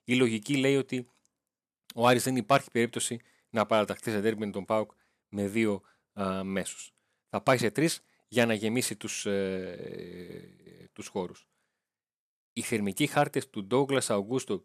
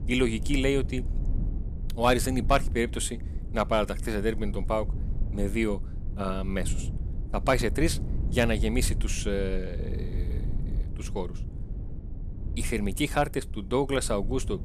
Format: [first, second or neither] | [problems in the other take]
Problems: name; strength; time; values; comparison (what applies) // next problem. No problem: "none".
first | low rumble; noticeable; throughout; 20 dB below the speech